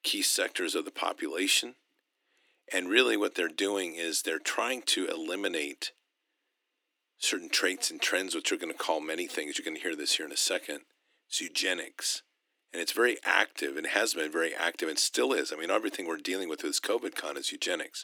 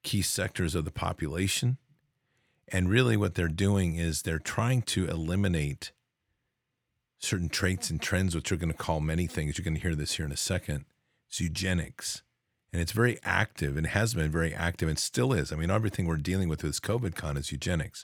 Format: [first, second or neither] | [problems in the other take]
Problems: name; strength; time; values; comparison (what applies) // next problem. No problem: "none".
second | thin; very; fading below 300 Hz